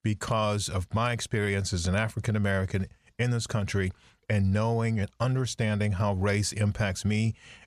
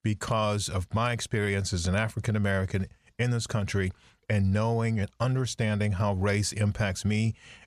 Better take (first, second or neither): neither